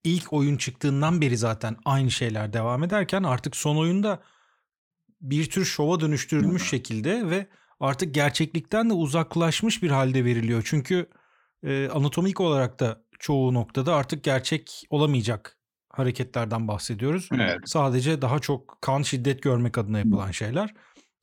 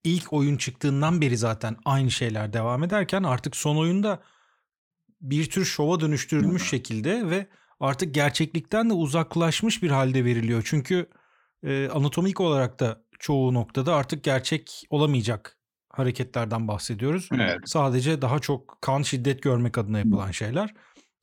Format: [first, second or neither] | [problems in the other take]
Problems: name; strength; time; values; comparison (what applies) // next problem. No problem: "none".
neither | none